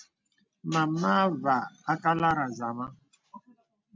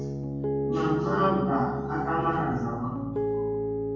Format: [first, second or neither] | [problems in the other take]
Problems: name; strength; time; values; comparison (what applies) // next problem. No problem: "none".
first | background sound (Piano); 1 dB below the speech // room echo; dies away in 1.3 s